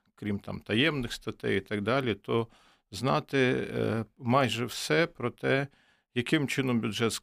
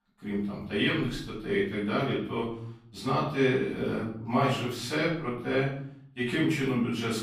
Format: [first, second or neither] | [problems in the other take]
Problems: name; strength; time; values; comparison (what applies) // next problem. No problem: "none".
first | off-mic speech; far // room echo; noticeable; dies away in 0.6 s